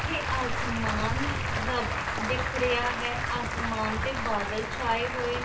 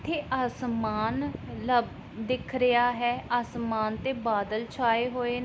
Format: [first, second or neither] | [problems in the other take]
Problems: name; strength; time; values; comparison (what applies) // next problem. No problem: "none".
second | background sound (Applause); 1 dB below the speech // room echo; dies away in 0.2 s